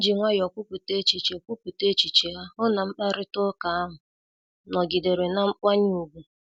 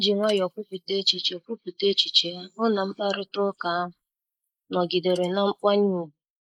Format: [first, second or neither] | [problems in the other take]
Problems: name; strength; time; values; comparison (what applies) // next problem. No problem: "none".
first | noise reduction (neural mask model Resemble Enhance denoiser)